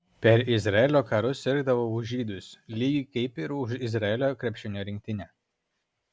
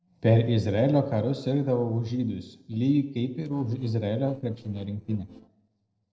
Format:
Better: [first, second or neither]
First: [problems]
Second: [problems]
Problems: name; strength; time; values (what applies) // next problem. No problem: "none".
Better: first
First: none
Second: noise reduction (neural separator model SepFormer DNS4)